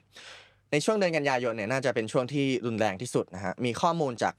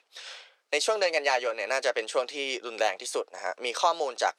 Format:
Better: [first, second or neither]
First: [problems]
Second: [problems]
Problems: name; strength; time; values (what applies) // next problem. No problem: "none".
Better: first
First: none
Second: thin; very; fading below 450 Hz